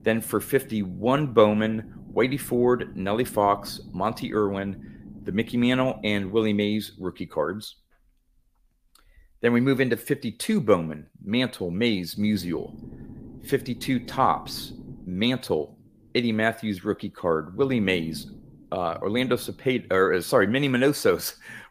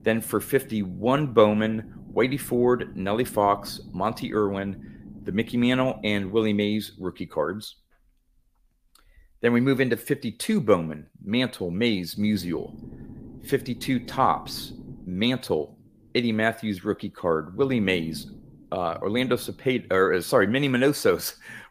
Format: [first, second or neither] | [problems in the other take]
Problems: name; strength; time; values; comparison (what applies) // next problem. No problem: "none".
neither | low rumble; faint; throughout; 25 dB below the speech; the same in both